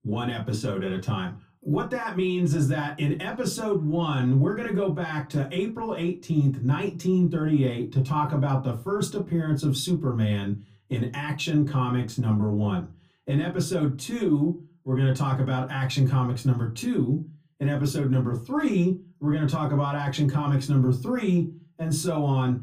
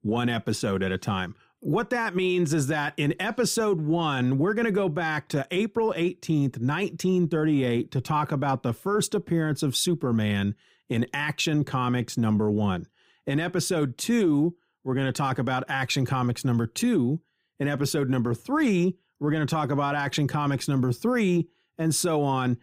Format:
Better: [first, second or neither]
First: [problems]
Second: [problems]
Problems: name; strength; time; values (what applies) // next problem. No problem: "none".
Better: second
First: off-mic speech; far // room echo; very slight; dies away in 0.2 s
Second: none